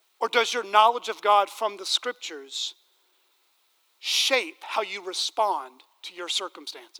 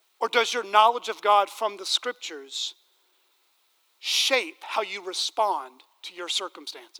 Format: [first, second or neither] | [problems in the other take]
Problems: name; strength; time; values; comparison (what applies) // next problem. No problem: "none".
neither | thin; very; fading below 300 Hz; the same in both